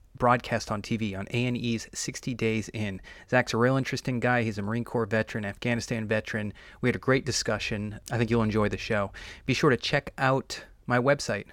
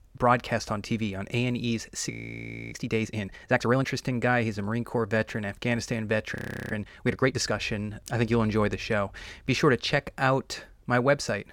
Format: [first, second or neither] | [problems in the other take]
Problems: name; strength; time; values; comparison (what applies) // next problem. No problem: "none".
first | audio freezing; at 2 s for 0.5 s and at 6.5 s